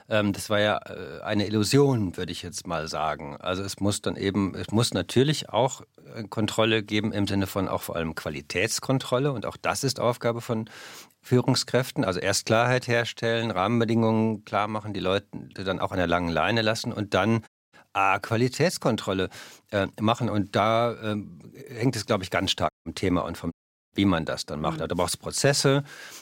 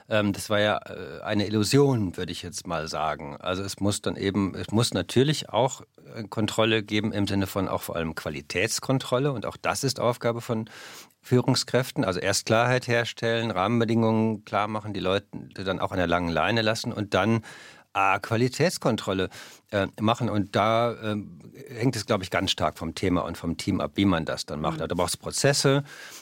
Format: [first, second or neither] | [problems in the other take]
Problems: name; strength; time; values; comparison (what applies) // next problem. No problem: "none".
second | audio cutting out; at 17 s, at 23 s and at 24 s